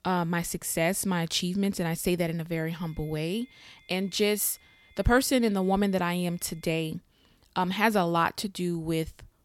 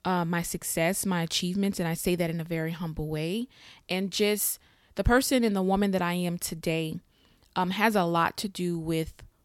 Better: second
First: high-pitched whine; faint; from 3 to 7 s; 2 kHz, 30 dB below the speech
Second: none

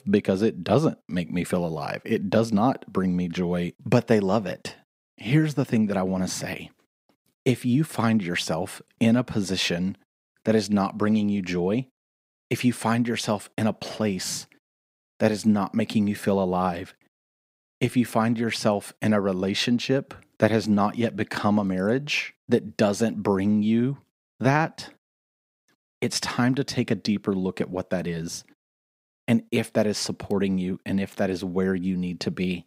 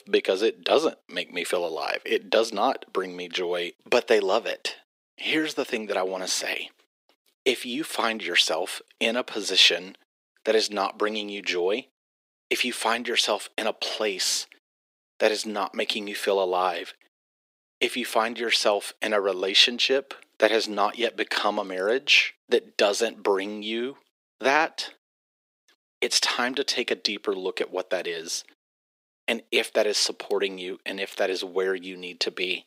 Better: first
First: none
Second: thin; very; fading below 350 Hz

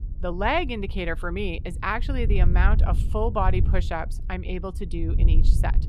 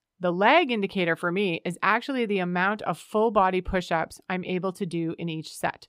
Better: second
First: wind noise on the microphone; occasional gusts; 15 dB below the speech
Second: none

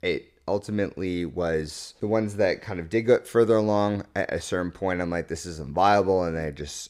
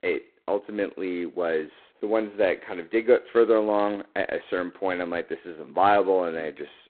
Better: first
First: none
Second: phone-call audio; poor line; nothing above 4 kHz

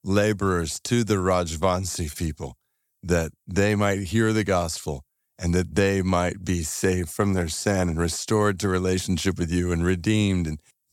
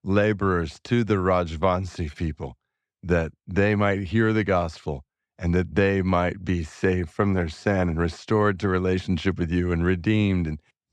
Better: first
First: none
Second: muffled; slightly; fading above 2.5 kHz

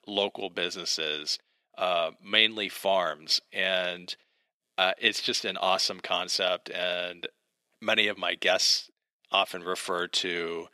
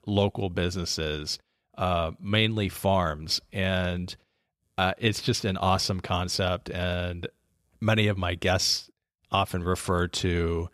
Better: second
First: thin; very; fading below 250 Hz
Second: none

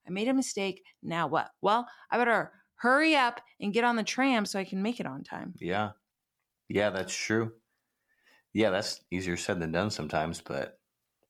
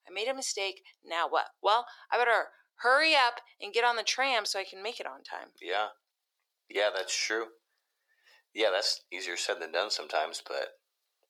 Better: first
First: none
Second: thin; very; fading below 400 Hz

